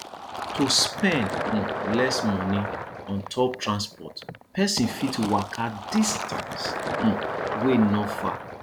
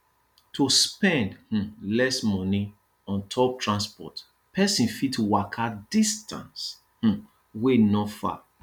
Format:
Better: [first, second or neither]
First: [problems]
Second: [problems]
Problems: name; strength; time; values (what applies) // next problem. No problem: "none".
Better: second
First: background sound (Fill (with liquid)); 5 dB below the speech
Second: none